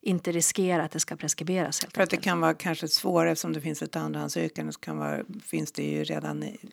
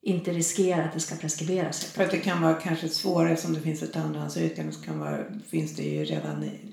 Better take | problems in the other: first | room echo; noticeable; dies away in 0.5 s // off-mic speech; far

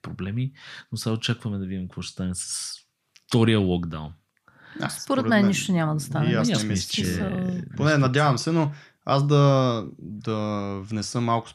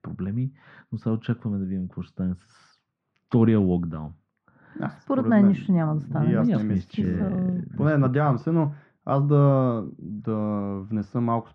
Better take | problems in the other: first | muffled; very; fading above 1 kHz

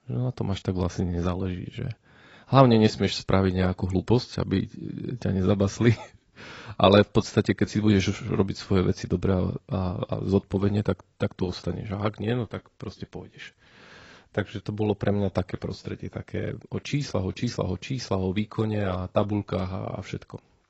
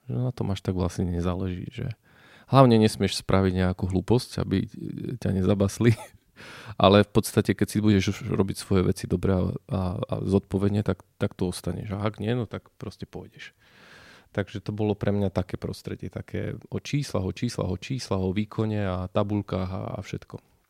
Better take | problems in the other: second | garbled, watery; badly; nothing above 7.5 kHz

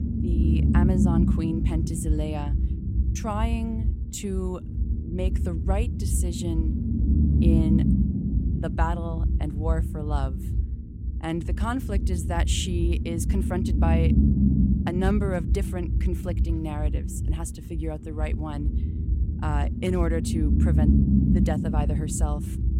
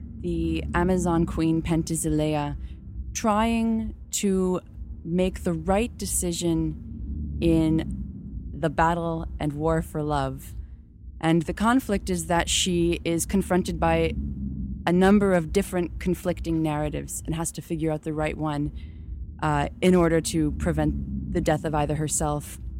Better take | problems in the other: second | low rumble; loud; throughout; 2 dB below the speech; faint in the second

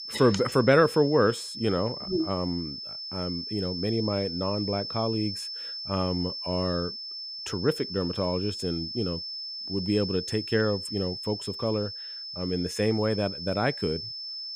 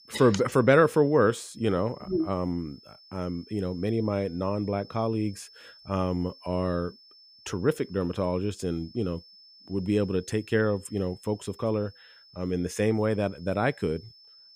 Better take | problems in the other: second | high-pitched whine; loud; throughout; 5.5 kHz, 6 dB below the speech; faint in the second

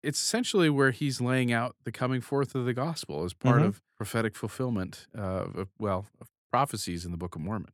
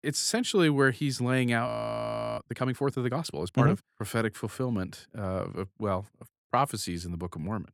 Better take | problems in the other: first | audio freezing; at 1.5 s for 0.5 s

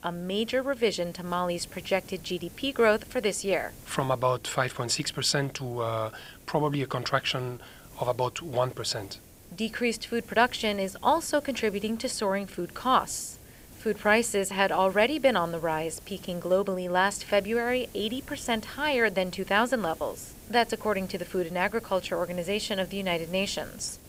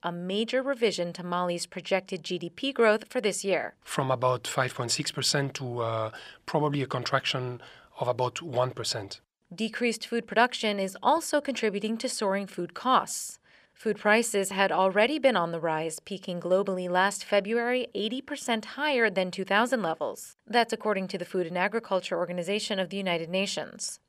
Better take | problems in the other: second | hiss; faint; throughout; 20 dB below the speech

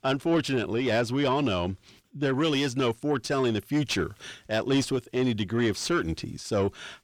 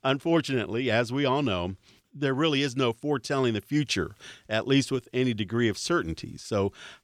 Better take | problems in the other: second | distortion; slight; 10 dB below the speech

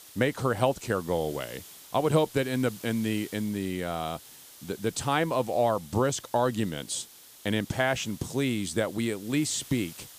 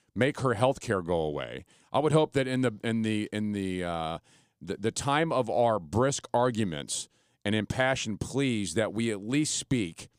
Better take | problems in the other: second | hiss; noticeable; throughout; 20 dB below the speech

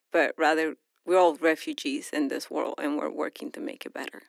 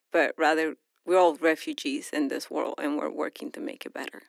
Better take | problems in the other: neither | thin; somewhat; fading below 300 Hz; the same in both

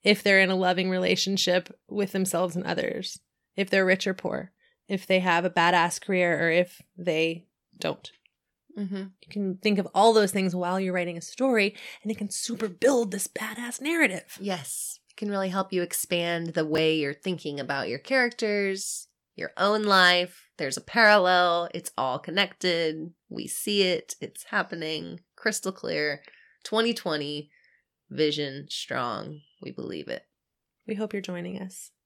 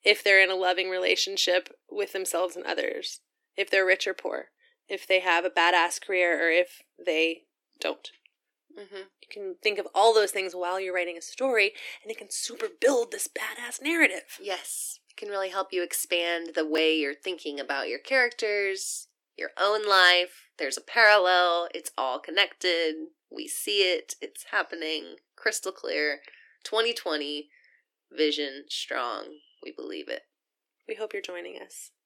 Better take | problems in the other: first | thin; somewhat; fading below 300 Hz

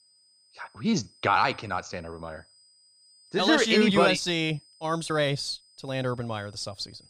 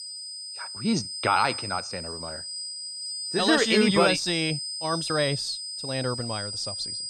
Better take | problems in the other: first | high-pitched whine; loud; throughout; 5 kHz, 6 dB below the speech; faint in the first

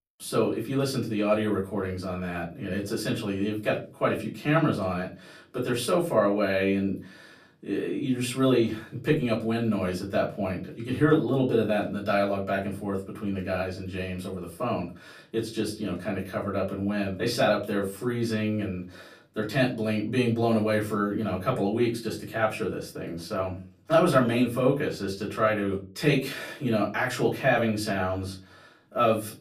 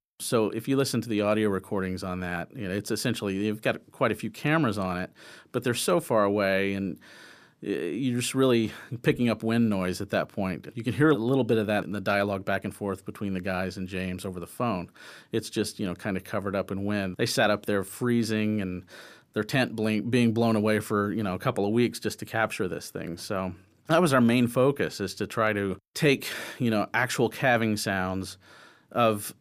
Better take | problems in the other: second | off-mic speech; far // room echo; very slight; dies away in 0.3 s

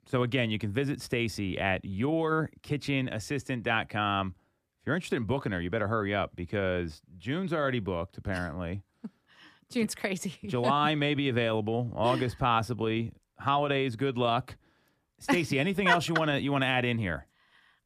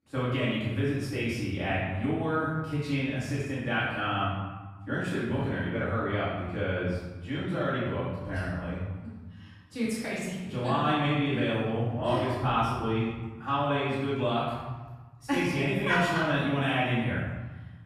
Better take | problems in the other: first | room echo; strong; dies away in 1.3 s // off-mic speech; far

